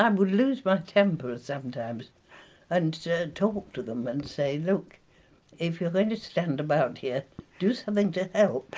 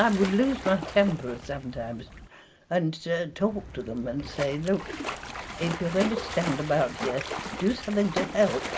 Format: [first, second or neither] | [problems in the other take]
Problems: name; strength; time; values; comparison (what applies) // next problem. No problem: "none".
first | background sound (Splash, splatter); 9 dB below the speech